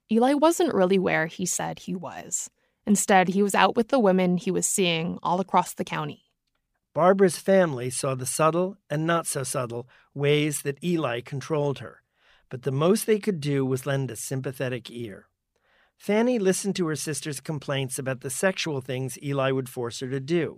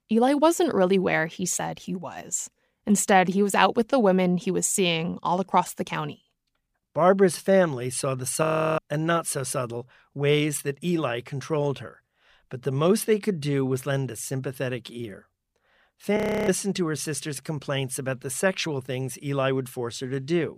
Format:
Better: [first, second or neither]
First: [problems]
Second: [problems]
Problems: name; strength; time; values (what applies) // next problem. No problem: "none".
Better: first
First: none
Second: audio freezing; at 8.5 s and at 16 s